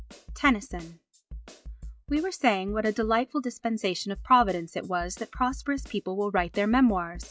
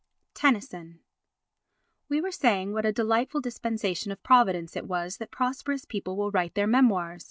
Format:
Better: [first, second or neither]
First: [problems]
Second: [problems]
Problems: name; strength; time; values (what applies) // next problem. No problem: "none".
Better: second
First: noise reduction (classical method log-MMSE)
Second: none